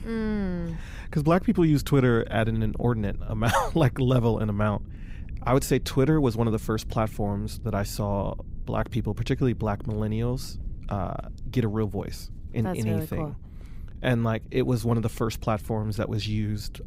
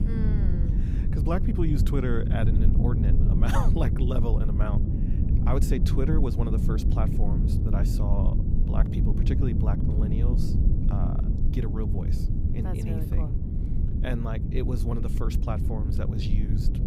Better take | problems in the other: first | low rumble; loud; throughout; 2 dB below the speech; faint in the first

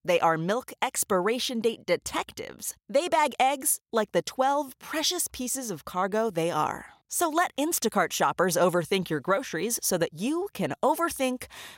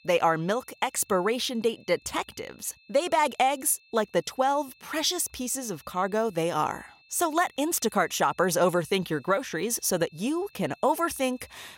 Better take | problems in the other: first | high-pitched whine; faint; throughout; 2.5 kHz, 30 dB below the speech

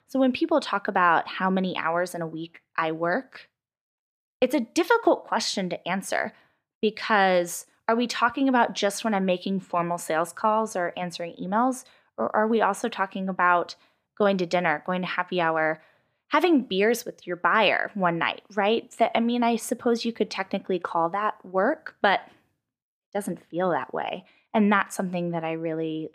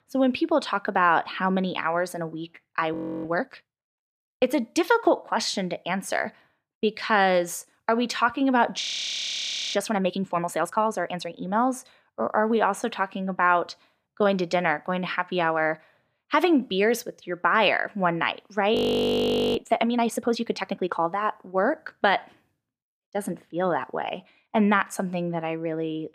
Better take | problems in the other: first | audio freezing; at 3 s, at 9 s for 1 s and at 19 s for 1 s

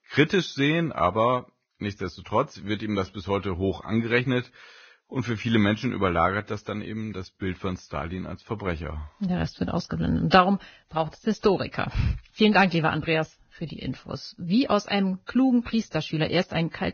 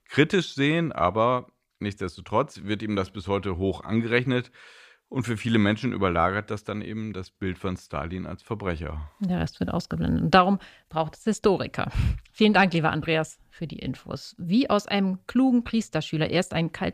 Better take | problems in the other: second | garbled, watery; badly; nothing above 6.5 kHz

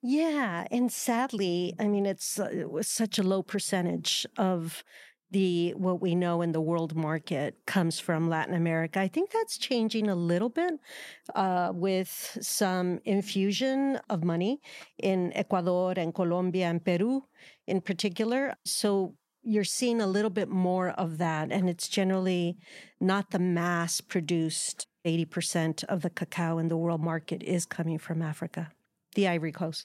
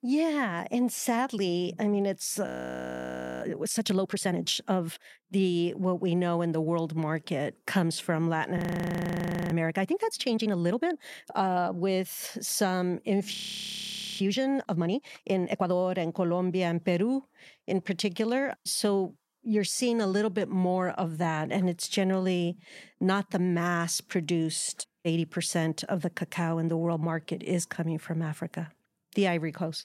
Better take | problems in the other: first | audio freezing; at 2.5 s for 1 s, at 8.5 s for 1 s and at 13 s for 1 s

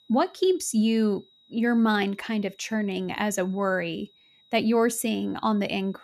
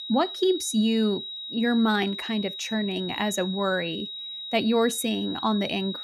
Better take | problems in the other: first | high-pitched whine; loud; throughout; 4 kHz, 8 dB below the speech; faint in the first

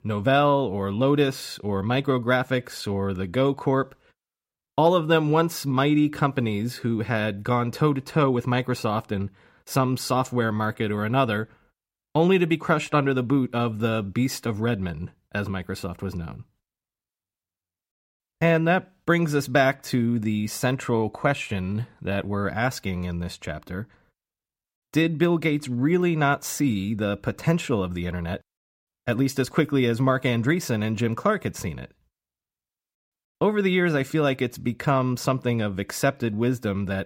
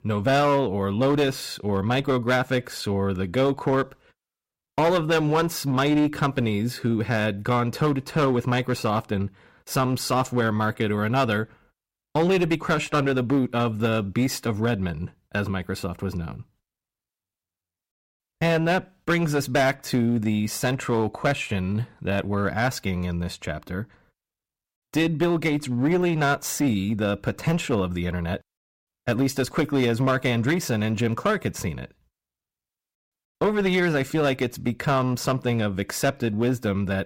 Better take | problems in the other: first | distortion; slight; 8% of the sound clipped

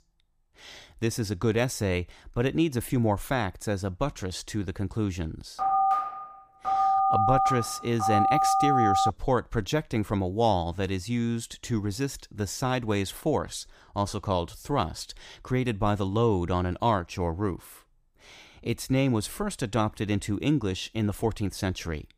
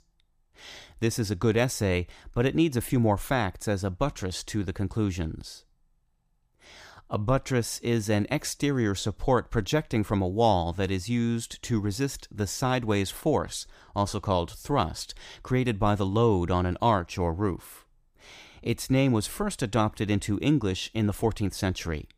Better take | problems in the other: second | phone ringing; loud; from 5.5 to 9 s; peak 6 dB above the speech

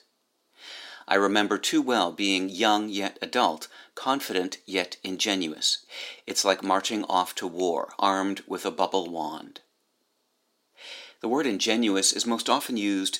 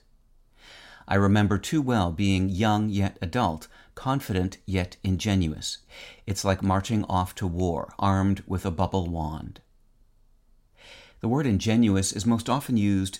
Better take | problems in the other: second | thin; somewhat; fading below 300 Hz

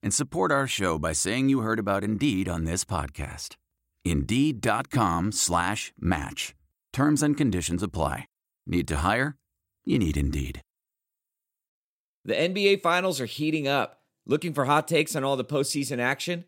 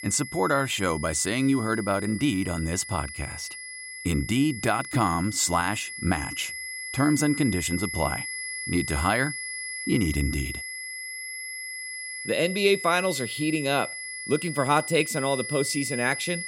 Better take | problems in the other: first | high-pitched whine; loud; throughout; 2 kHz, 7 dB below the speech

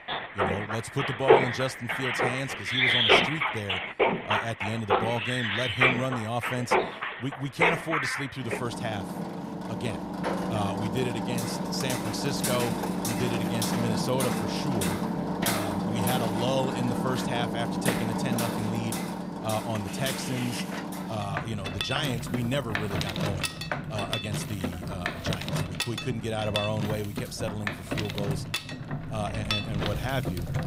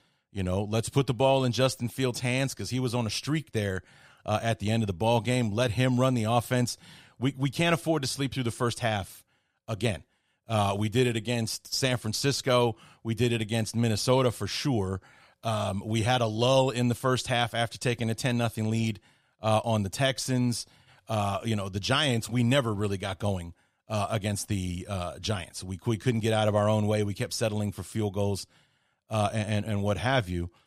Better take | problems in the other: second | machinery noise; very loud; throughout; 4 dB above the speech

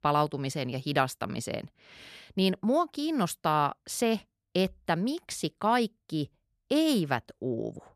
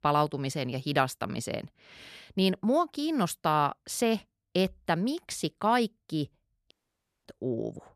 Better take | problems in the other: first | audio cutting out; at 6.5 s for 0.5 s

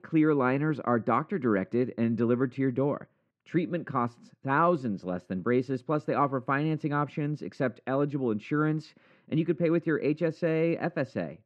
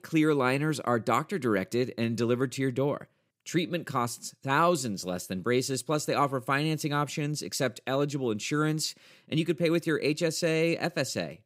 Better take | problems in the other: second | muffled; very; fading above 1.5 kHz

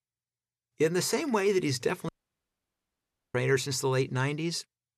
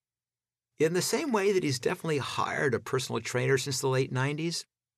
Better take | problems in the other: second | audio cutting out; at 2 s for 1.5 s

